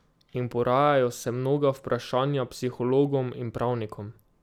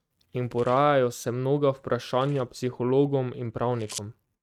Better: first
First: none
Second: noise reduction (neural mask model RNNoise)

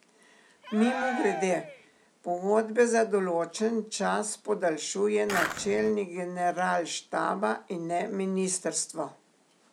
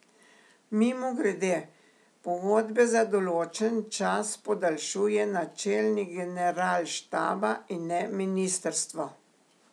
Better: second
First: background sound (Skateboard + Cheering); 6 dB below the speech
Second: none

